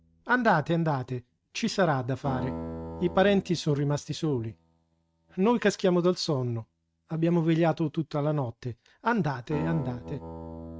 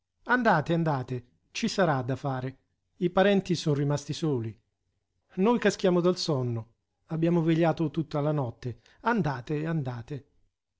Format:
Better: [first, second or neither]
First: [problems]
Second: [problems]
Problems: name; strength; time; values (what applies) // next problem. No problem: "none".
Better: second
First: noise reduction (neural mask model RNNoise)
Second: none